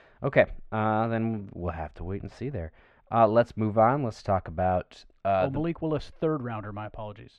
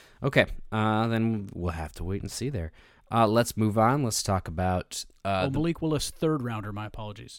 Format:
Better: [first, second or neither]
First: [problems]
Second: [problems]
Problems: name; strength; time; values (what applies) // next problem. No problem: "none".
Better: second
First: muffled; very; fading above 2 kHz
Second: none